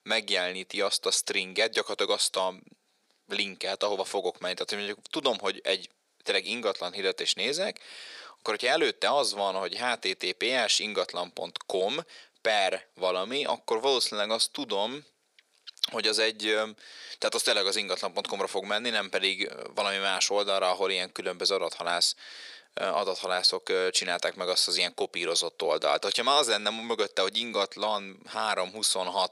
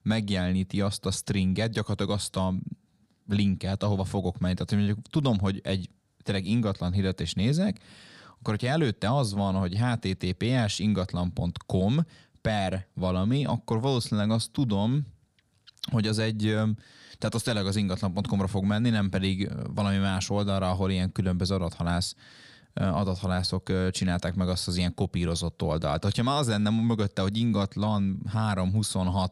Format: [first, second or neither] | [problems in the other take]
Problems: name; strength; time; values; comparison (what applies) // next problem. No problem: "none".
second | thin; very; fading below 400 Hz